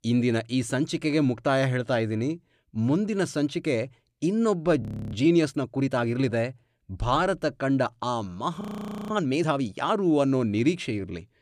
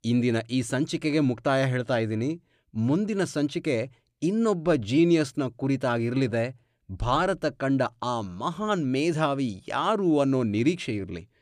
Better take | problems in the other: second | audio freezing; at 5 s and at 8.5 s

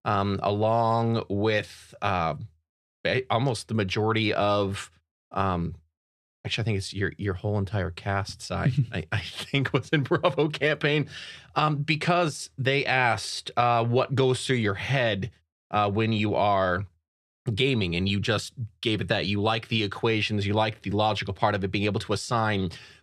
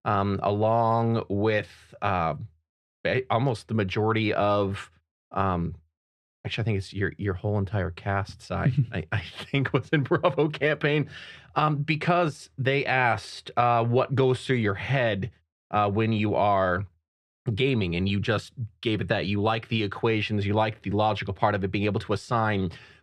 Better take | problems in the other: first | muffled; slightly; fading above 3.5 kHz

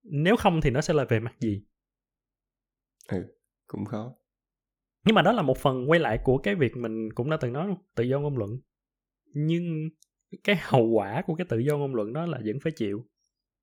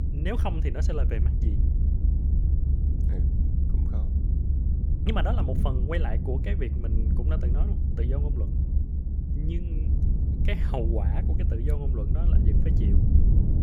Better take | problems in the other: first | low rumble; loud; throughout; 4 dB below the speech

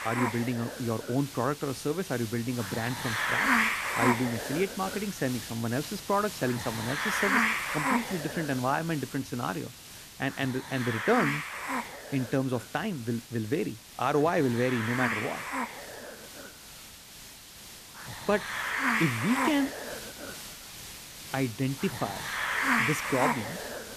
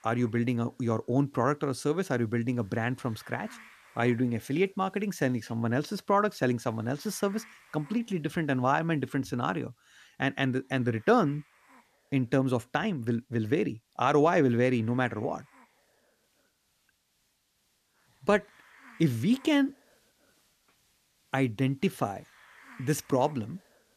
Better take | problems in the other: second | hiss; loud; throughout; 1 dB below the speech; faint in the second

